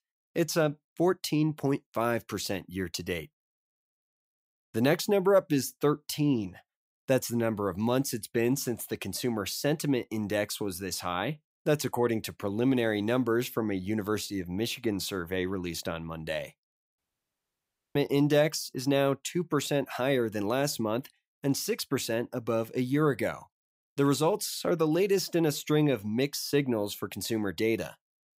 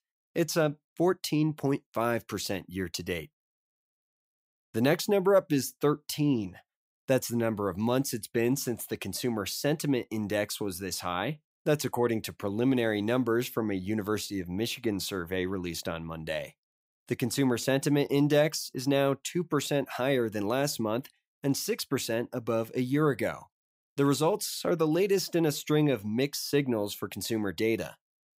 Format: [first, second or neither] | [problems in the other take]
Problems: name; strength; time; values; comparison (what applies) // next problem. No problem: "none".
second | audio cutting out; at 17 s for 1 s